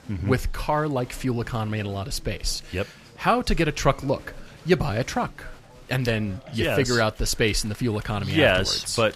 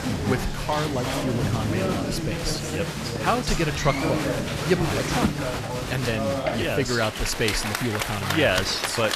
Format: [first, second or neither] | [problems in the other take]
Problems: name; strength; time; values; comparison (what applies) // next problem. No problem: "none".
first | crowd noise; loud; throughout; 1 dB below the speech; faint in the first